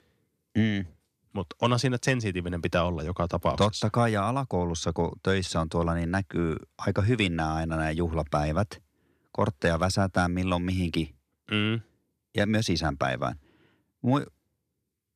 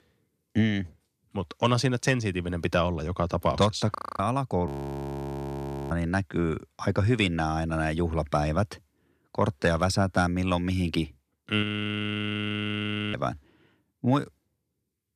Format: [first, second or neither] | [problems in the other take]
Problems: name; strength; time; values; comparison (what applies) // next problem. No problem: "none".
first | audio freezing; at 4 s, at 4.5 s for 1 s and at 12 s for 1.5 s